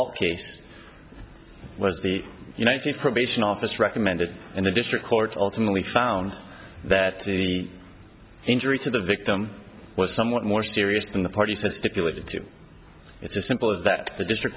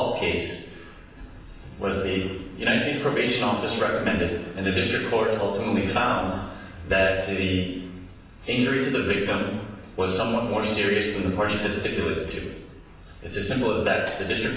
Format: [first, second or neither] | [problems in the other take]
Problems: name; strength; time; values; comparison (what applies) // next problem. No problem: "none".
first | room echo; dies away in 0.9 s